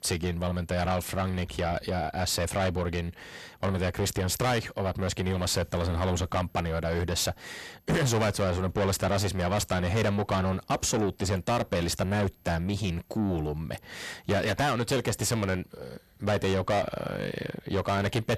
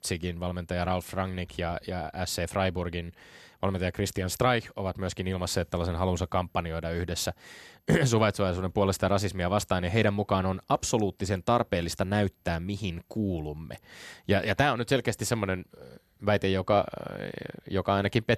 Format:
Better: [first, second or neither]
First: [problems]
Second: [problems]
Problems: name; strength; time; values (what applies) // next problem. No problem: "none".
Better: second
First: distortion; heavy; 6 dB below the speech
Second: none